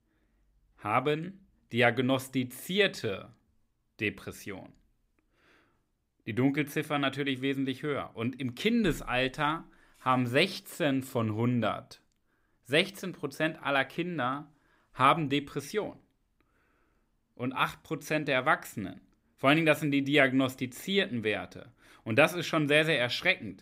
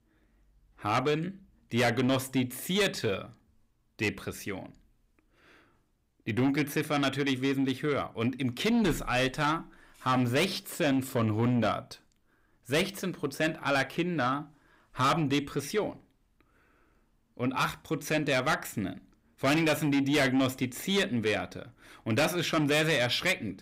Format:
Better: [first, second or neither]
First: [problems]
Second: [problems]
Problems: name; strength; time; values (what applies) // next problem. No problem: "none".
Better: first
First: none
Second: distortion; heavy; 7 dB below the speech